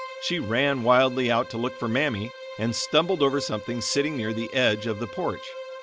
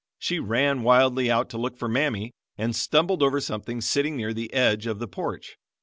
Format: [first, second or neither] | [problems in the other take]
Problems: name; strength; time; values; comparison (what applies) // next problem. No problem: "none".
second | background sound (Bowed string instrument); 14 dB below the speech